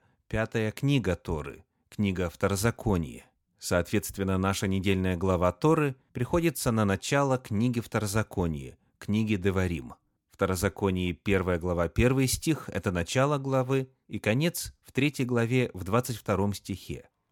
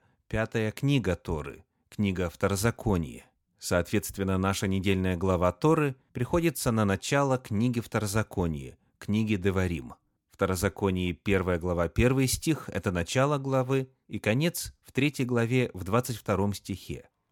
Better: neither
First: none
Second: none

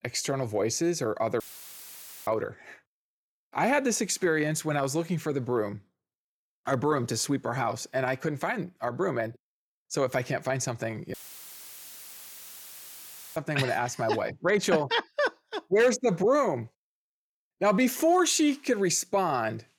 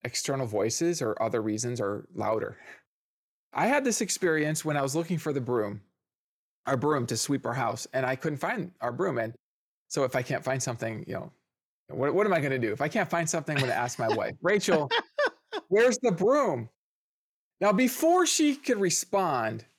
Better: second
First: audio cutting out; filled with static; at 1.5 s for 1 s and at 11 s for 2 s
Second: none

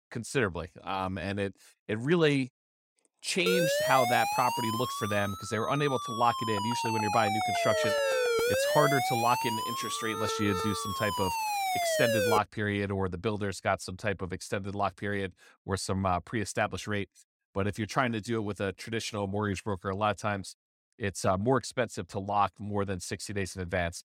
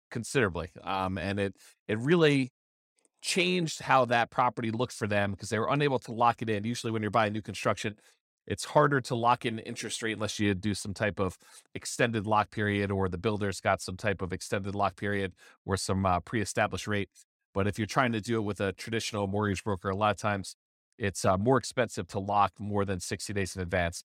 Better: second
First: siren; loud; from 3.5 to 12 s; peak 4 dB above the speech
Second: none

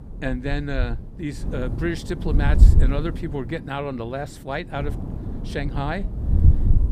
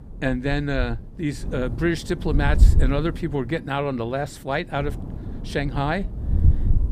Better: second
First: wind noise on the microphone; heavy; 9 dB below the speech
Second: wind noise on the microphone; occasional gusts; 15 dB below the speech

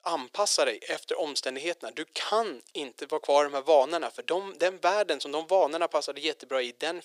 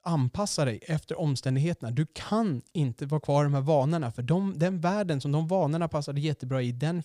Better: second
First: thin; very; fading below 400 Hz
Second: none

